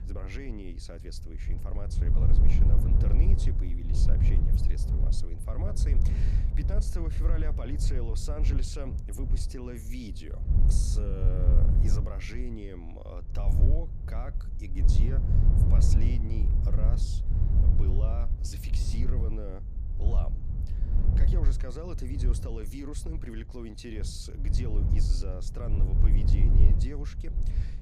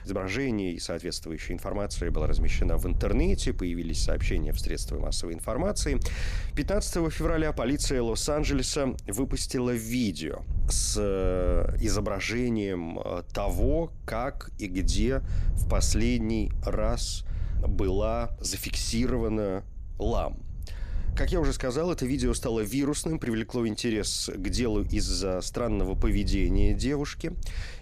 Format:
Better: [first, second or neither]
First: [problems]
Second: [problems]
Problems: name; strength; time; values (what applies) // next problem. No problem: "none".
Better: second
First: wind noise on the microphone; heavy; 1 dB below the speech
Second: wind noise on the microphone; occasional gusts; 20 dB below the speech